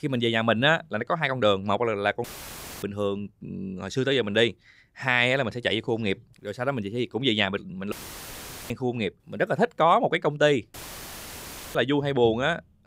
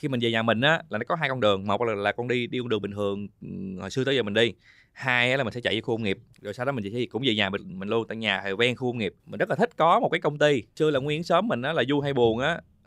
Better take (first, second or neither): second